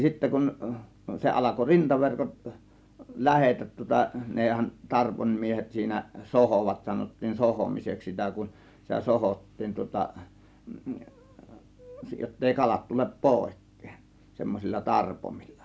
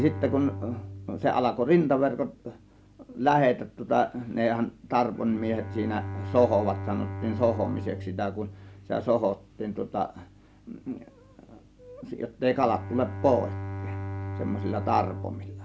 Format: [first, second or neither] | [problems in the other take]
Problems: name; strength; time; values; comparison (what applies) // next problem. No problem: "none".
first | background sound (Bowed string instrument); 10 dB below the speech